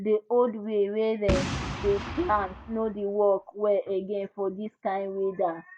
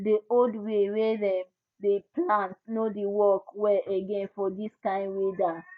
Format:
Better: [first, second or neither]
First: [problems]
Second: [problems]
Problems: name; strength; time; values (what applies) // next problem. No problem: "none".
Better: second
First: background sound (Boom); 6 dB below the speech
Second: none